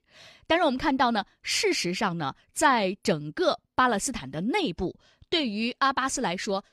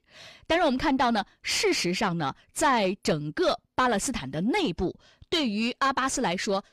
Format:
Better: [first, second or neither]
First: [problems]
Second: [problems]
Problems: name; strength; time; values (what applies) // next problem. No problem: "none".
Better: first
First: none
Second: distortion; slight; 10 dB below the speech